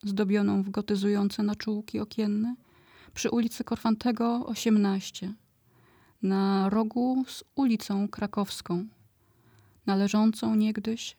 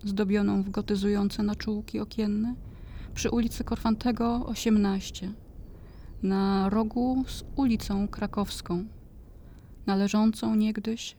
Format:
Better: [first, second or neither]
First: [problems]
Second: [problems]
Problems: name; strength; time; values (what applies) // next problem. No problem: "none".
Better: first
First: none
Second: wind noise on the microphone; occasional gusts; 25 dB below the speech